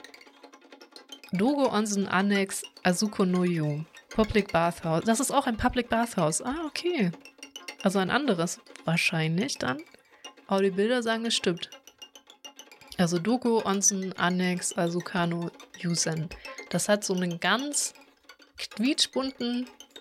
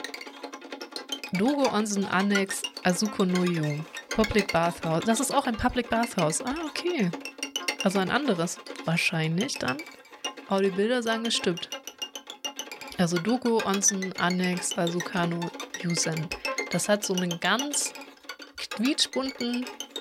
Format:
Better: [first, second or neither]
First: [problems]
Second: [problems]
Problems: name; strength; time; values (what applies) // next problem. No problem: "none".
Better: first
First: background music; faint; throughout; 20 dB below the speech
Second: background music; loud; throughout; 9 dB below the speech